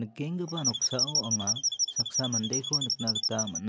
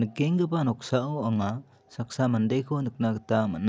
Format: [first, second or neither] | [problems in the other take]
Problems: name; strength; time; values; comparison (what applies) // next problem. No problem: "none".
second | background sound (Squeak / Chirp, tweet); 4 dB above the speech